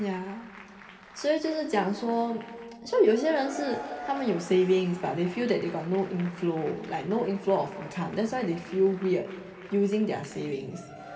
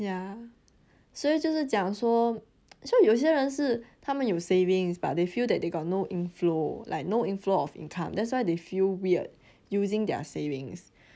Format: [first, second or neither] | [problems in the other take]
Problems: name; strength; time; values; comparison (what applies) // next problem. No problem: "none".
second | background sound (Applause / Crowd / Cheering); 17 dB below the speech // room echo; dies away in 2.3 s